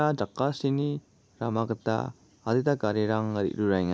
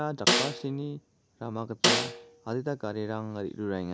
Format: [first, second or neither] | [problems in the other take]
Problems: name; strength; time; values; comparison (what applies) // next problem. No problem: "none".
first | background sound (Snare drum); 5 dB above the speech